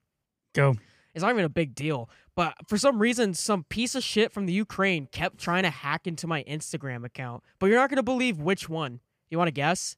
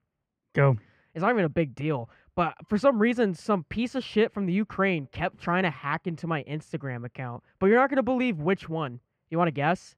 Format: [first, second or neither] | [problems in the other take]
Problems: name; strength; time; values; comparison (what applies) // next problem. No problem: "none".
first | muffled; very; fading above 4 kHz